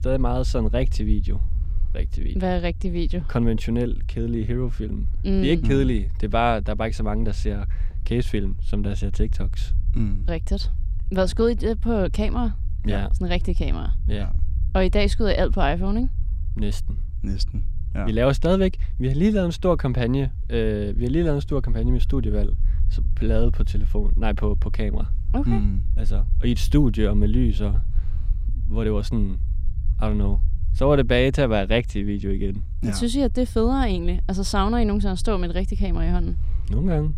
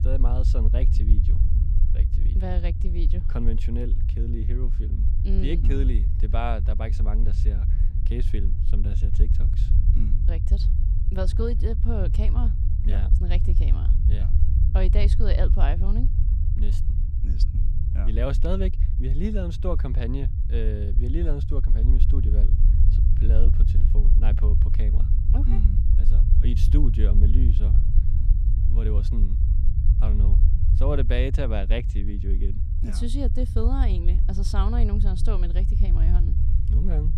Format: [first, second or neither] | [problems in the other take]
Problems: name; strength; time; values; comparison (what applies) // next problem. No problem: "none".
first | low rumble; loud; throughout; 6 dB below the speech; faint in the first